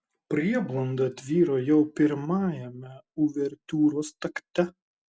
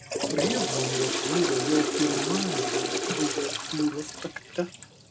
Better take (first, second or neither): first